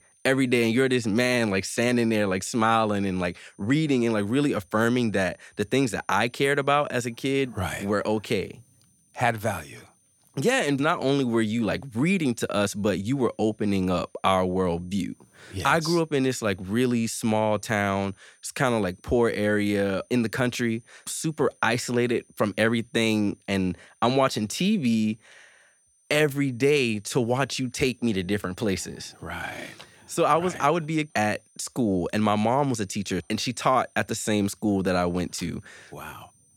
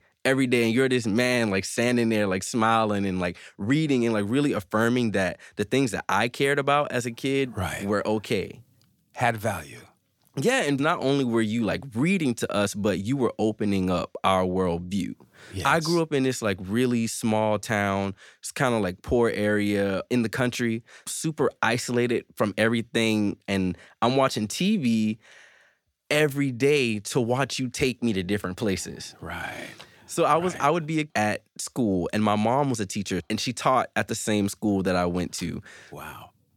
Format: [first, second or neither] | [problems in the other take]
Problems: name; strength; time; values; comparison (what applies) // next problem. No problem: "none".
second | high-pitched whine; faint; throughout; 9 kHz, 35 dB below the speech